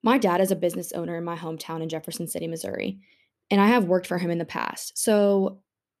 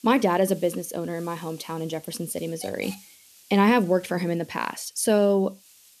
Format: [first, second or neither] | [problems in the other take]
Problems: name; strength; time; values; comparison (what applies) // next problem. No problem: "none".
first | hiss; faint; throughout; 25 dB below the speech